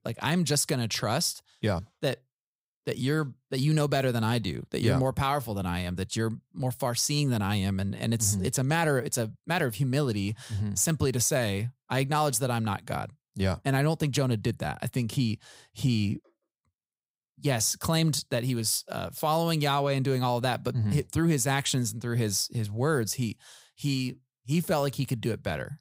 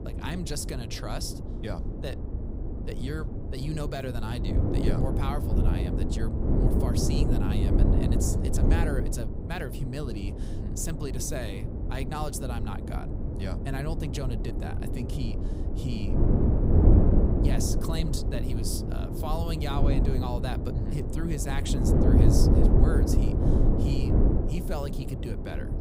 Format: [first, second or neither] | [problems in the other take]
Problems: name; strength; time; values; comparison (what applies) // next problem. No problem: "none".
first | wind noise on the microphone; heavy; 1 dB above the speech